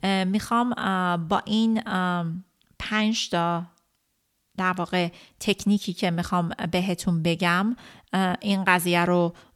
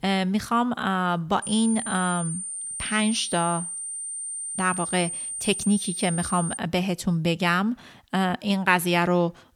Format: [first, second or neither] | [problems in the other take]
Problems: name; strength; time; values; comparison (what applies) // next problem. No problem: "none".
first | high-pitched whine; loud; from 1.5 to 6.5 s; 9 kHz, 5 dB below the speech